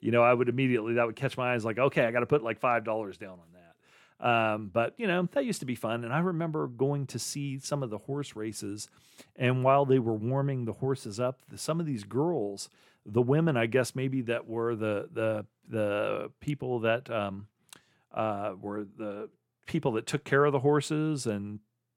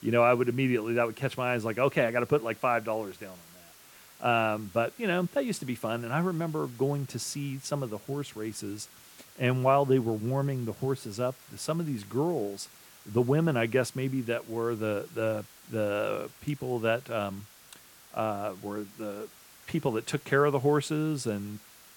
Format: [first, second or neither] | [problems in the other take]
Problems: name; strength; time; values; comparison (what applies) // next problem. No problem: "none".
first | hiss; faint; throughout; 20 dB below the speech